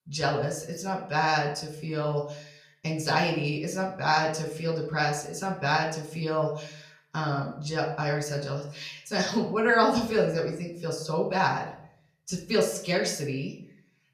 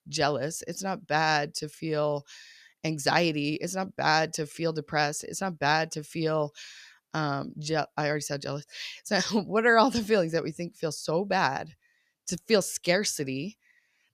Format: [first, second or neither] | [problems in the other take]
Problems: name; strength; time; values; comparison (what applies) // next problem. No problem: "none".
second | off-mic speech; far // room echo; slight; dies away in 0.5 s